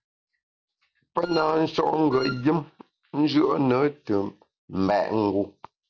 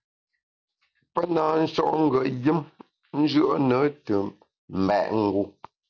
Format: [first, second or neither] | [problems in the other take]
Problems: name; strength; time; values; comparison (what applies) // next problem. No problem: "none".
second | background sound (Wind instrument, woodwind instrument); 13 dB below the speech